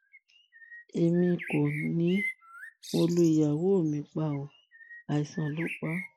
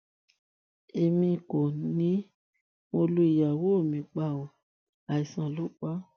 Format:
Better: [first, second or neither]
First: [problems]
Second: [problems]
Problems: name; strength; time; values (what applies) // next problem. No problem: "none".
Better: second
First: background sound (Bird); 14 dB below the speech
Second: none